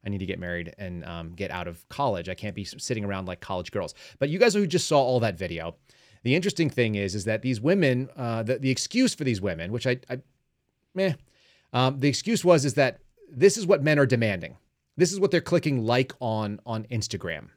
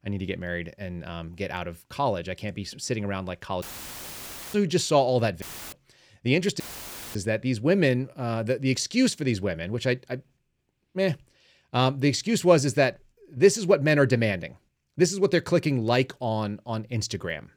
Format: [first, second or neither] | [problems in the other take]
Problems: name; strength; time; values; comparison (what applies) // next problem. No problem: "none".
first | audio cutting out; filled with static; at 3.5 s for 1 s, at 5.5 s and at 6.5 s for 0.5 s